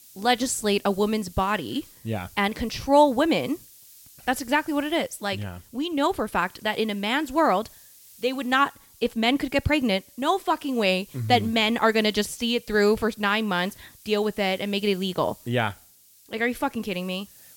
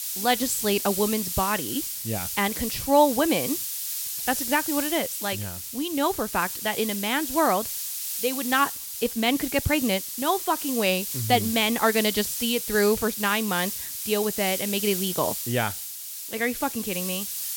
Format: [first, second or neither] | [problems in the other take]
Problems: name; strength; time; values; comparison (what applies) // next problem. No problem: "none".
first | hiss; loud; throughout; 4 dB below the speech; faint in the first